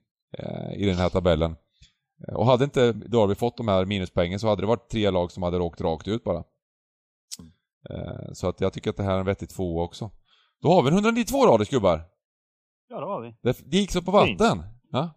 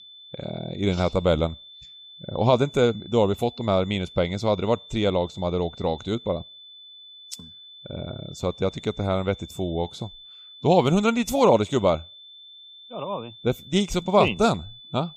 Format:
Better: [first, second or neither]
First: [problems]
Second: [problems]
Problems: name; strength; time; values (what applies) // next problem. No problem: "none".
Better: first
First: none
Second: high-pitched whine; noticeable; throughout; 3.5 kHz, 20 dB below the speech